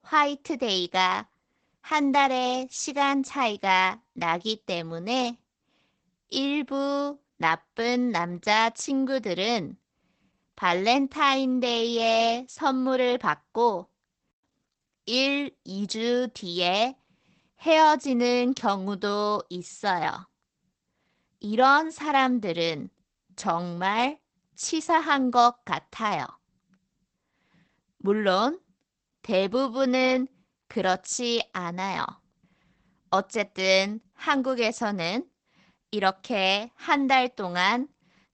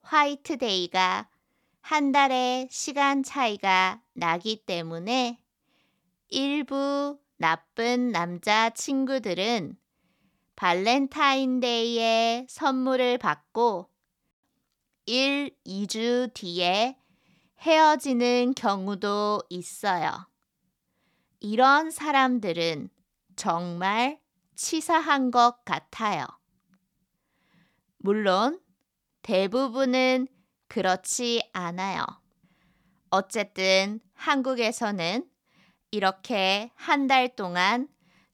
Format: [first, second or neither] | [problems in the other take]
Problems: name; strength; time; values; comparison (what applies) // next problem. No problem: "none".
second | garbled, watery; badly; nothing above 8 kHz